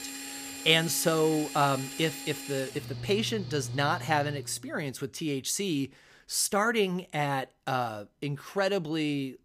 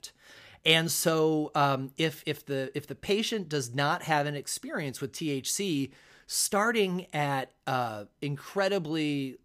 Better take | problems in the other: second | machinery noise; loud; until 4.5 s; 10 dB below the speech

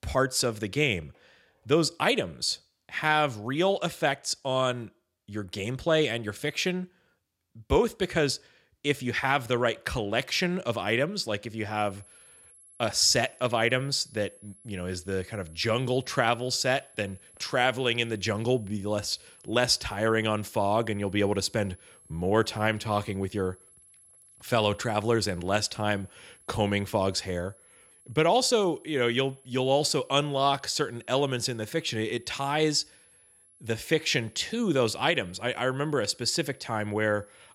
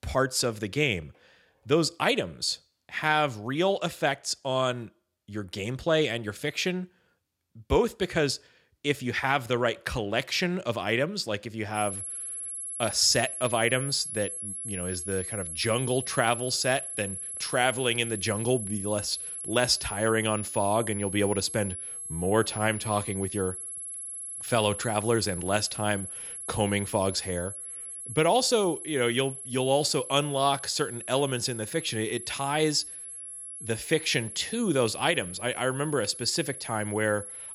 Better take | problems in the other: first | high-pitched whine; loud; from 12 s on; 11 kHz, 8 dB below the speech; faint in the first

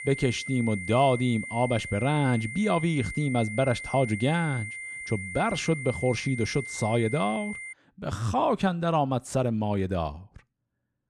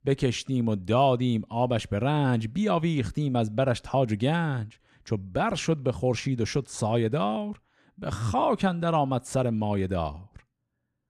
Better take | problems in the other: second | high-pitched whine; loud; until 7.5 s; 2 kHz, 9 dB below the speech

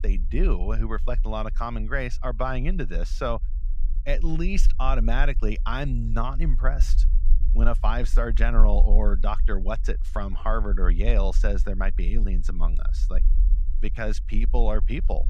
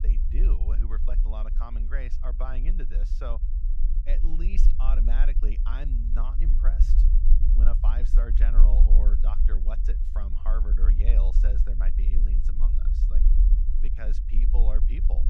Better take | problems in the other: first | low rumble; loud; throughout; 6 dB below the speech; faint in the first

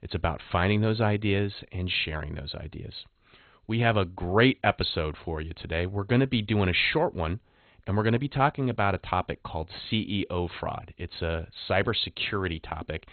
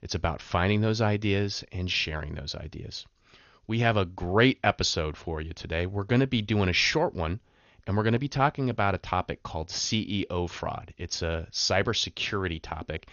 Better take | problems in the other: second | garbled, watery; badly; nothing above 4 kHz; slightly in the second

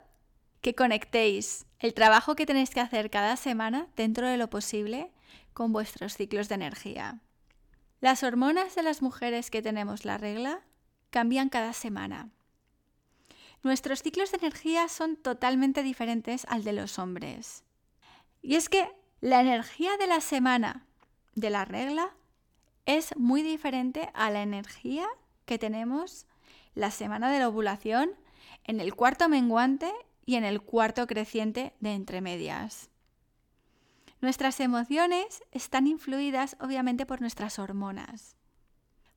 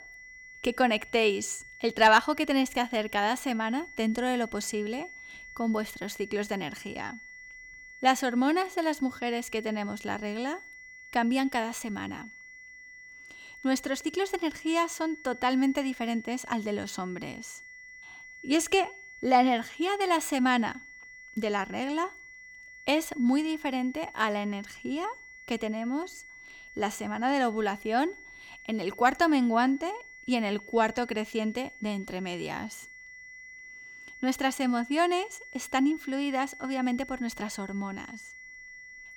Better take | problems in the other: first | high-pitched whine; noticeable; throughout; 2 kHz, 15 dB below the speech

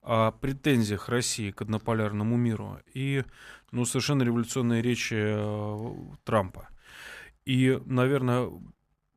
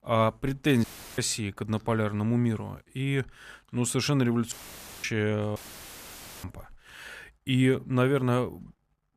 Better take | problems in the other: first | audio cutting out; filled with static; at 1 s, at 4.5 s for 0.5 s and at 5.5 s for 1 s

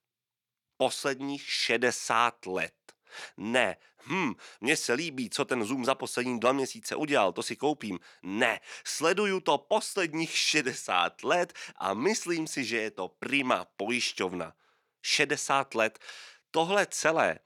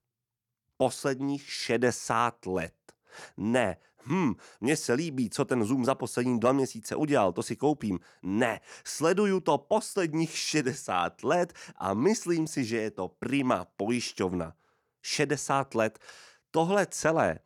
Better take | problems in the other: second | thin; very slightly; fading below 400 Hz

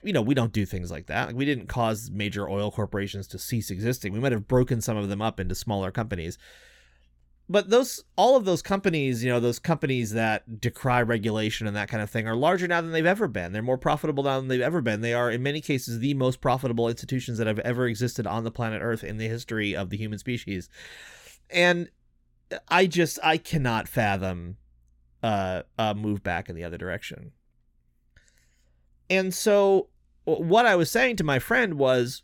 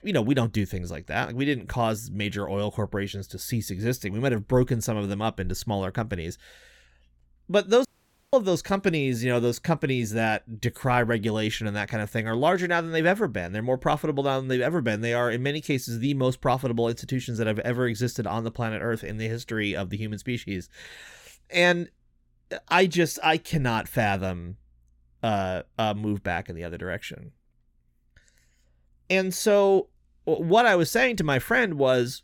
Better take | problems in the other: first | audio cutting out; at 8 s

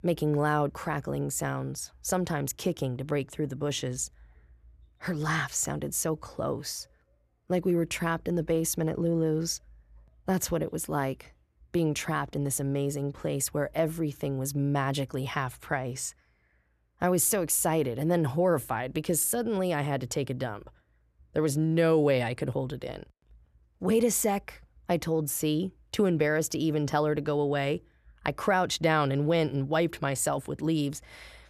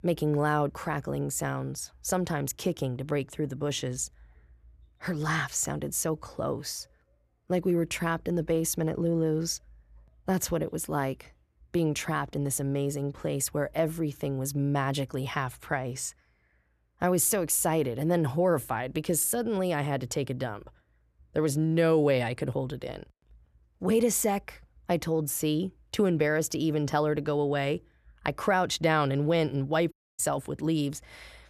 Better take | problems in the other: first | audio cutting out; at 30 s

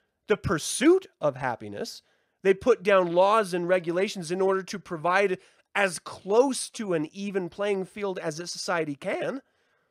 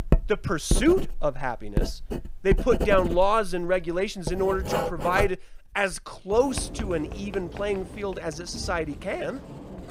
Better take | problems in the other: first | household noises; loud; throughout; 6 dB below the speech

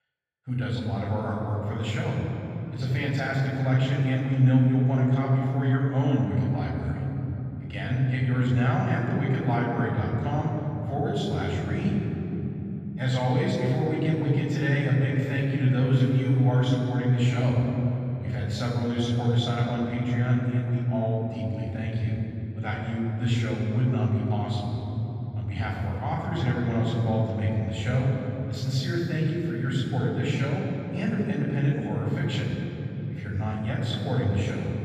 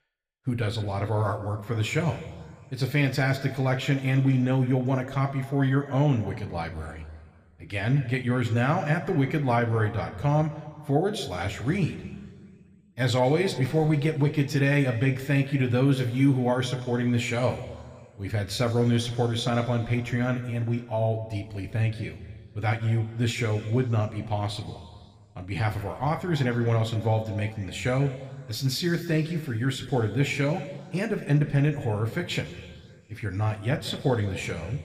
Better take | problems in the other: second | room echo; strong; dies away in 3 s; slight in the second // off-mic speech; far

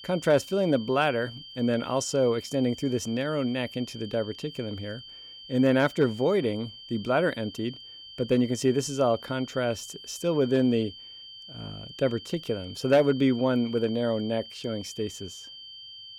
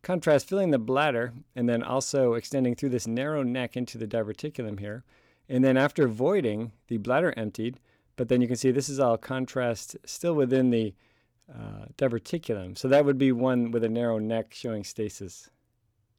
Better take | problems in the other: second | high-pitched whine; noticeable; throughout; 3 kHz, 15 dB below the speech

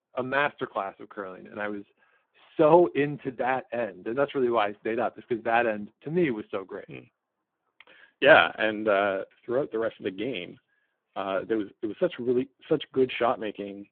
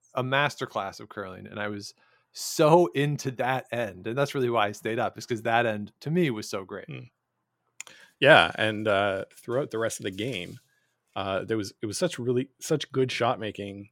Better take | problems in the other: second | phone-call audio; poor line

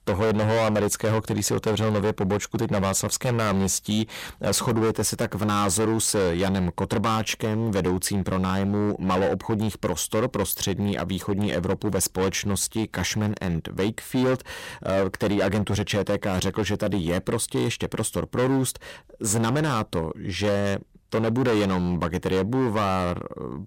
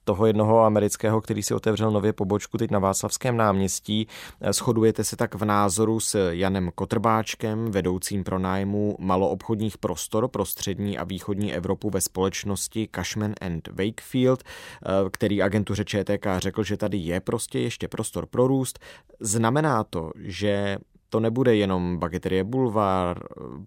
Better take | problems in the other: second | distortion; heavy; 18% of the sound clipped

